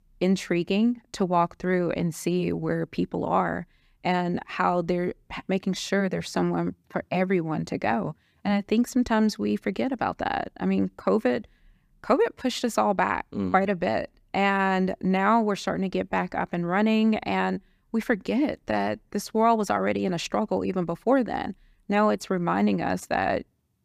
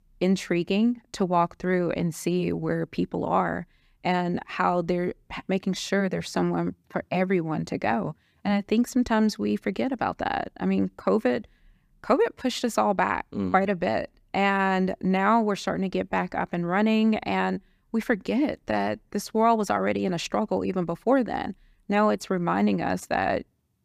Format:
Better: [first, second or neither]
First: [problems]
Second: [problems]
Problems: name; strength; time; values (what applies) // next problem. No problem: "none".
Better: neither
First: none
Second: none